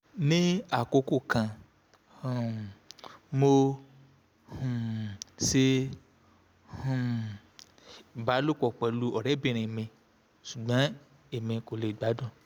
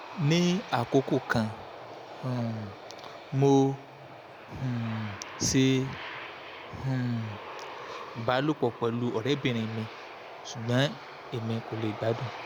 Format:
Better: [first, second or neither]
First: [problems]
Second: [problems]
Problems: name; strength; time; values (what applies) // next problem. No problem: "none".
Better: first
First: none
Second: background sound (Aircraft); 13 dB below the speech